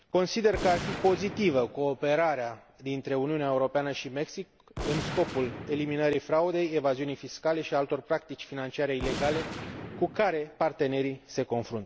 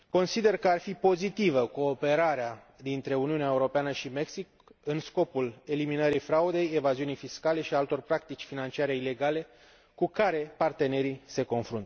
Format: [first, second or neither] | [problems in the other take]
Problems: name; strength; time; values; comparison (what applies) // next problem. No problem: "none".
second | background sound (Gunshot, gunfire); 12 dB below the speech